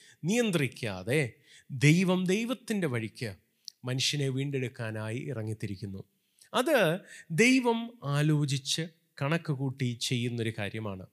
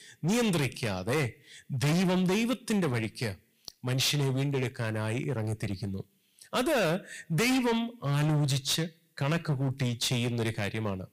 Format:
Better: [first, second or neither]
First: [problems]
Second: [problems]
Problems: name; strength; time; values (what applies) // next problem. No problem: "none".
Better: first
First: none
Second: distortion; heavy; 20% of the sound clipped